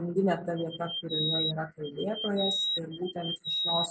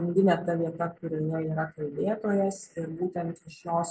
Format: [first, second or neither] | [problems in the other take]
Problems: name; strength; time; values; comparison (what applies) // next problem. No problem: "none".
second | background sound (Bird vocalization, bird call, bird song); 1 dB below the speech